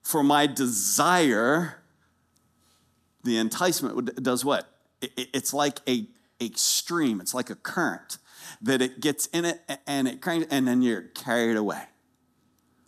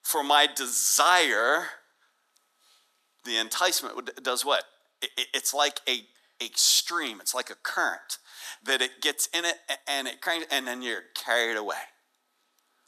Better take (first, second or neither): first